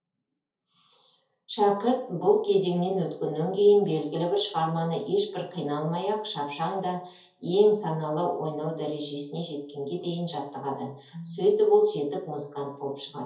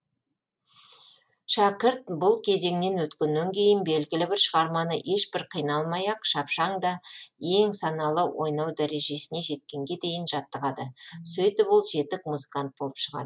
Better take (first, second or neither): second